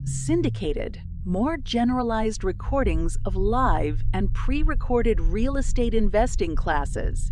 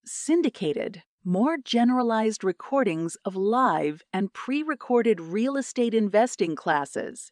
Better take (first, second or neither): second